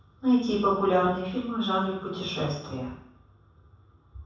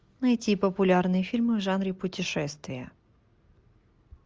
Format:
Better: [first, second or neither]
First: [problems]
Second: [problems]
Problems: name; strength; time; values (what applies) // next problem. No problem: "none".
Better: second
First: room echo; dies away in 0.7 s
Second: none